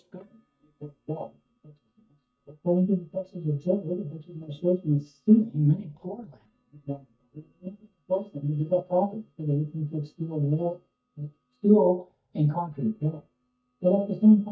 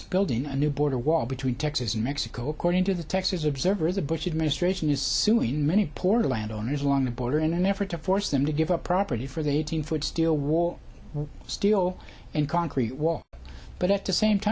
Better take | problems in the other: second | noise reduction (neural mask model DeepFilterNet 3)

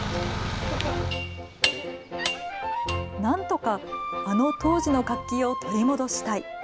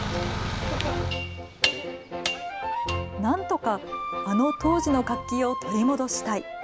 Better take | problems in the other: second | background sound (Wood); 13 dB below the speech

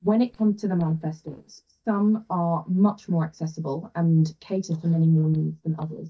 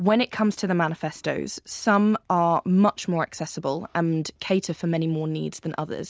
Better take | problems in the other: second | noise reduction (neural mask model DeepFilterNet 3)

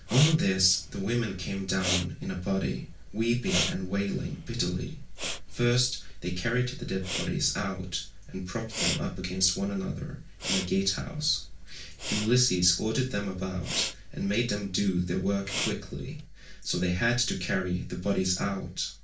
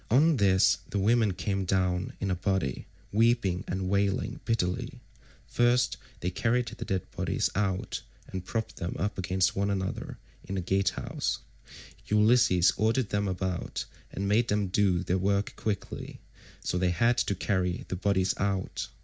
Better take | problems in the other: second | background sound (Respiratory sounds); 10 dB below the speech // room echo; dies away in 0.3 s

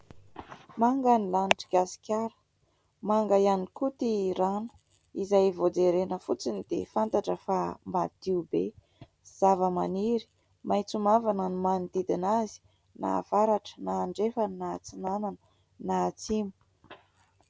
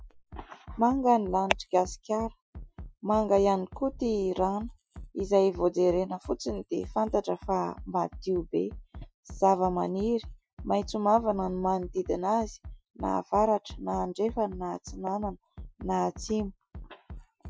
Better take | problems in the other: first | noise reduction (classical method Wiener filter)

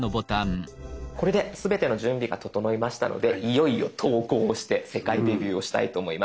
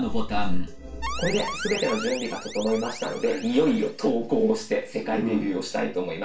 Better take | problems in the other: first | background sound (Alarm); 11 dB below the speech // room echo; dies away in 0.3 s

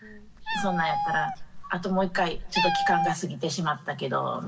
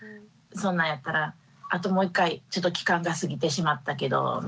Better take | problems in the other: second | background sound (Meow); as loud as the speech // room echo; dies away in 0.5 s

